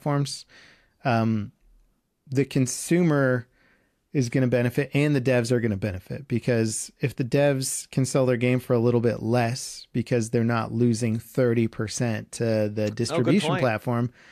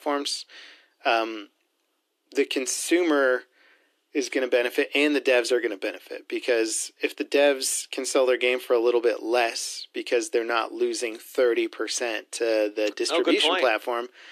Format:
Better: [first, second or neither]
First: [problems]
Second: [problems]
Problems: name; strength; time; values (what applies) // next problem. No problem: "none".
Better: first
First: none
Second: thin; somewhat; fading below 300 Hz